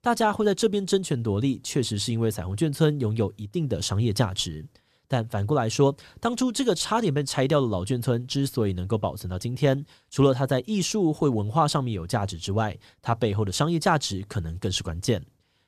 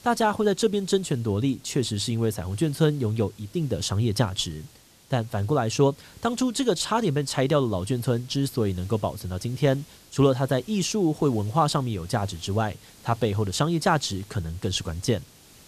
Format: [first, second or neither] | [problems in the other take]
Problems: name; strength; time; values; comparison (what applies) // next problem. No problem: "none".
first | hiss; faint; throughout; 25 dB below the speech